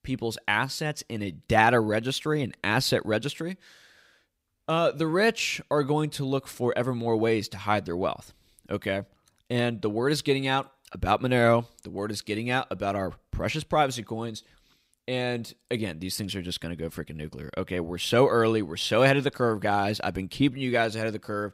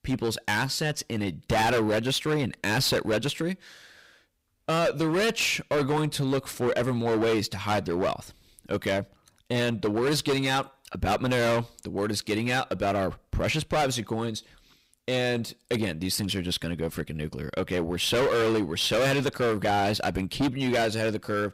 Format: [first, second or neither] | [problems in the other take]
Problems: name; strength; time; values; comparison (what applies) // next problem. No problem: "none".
first | distortion; heavy; 15% of the sound clipped